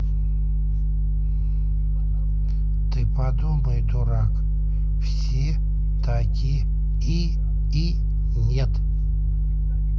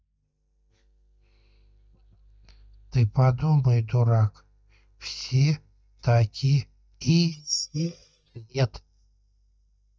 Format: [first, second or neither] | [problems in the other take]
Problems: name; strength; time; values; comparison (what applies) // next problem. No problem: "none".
first | noise reduction (neural mask model DeepFilterNet 3)